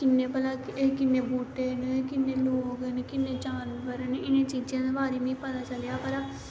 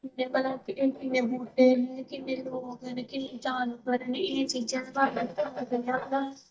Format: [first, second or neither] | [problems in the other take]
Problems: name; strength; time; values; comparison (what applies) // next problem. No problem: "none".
first | noise reduction (neural mask model DeepFilterNet 3)